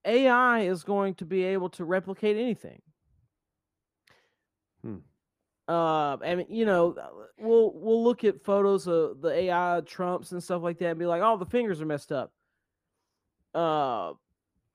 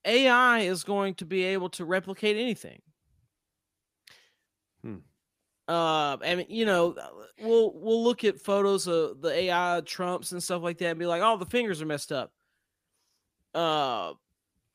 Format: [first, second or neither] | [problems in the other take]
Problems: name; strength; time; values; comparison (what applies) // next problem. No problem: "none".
second | muffled; slightly; fading above 2 kHz